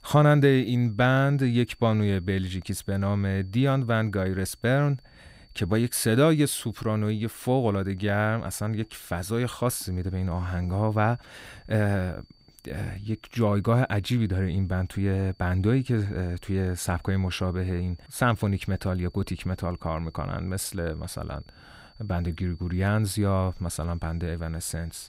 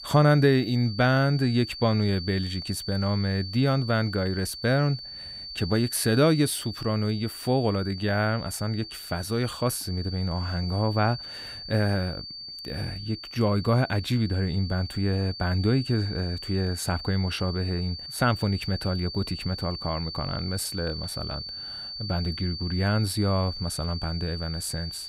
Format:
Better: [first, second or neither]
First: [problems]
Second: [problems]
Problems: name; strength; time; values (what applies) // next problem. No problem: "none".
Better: first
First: high-pitched whine; faint; throughout; 4.5 kHz, 35 dB below the speech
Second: high-pitched whine; loud; throughout; 4.5 kHz, 9 dB below the speech